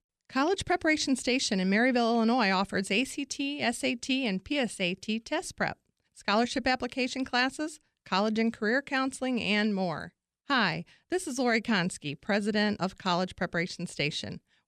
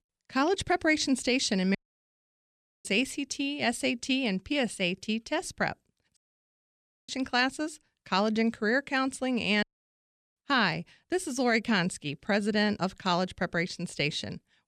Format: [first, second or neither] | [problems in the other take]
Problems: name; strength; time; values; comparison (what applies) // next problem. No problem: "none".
first | audio cutting out; at 2 s for 1 s, at 6 s for 1 s and at 9.5 s for 0.5 s